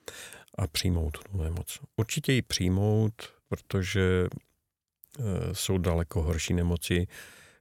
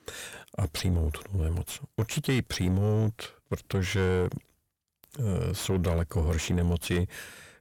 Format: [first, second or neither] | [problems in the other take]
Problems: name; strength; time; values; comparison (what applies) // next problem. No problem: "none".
first | distortion; slight; 10 dB below the speech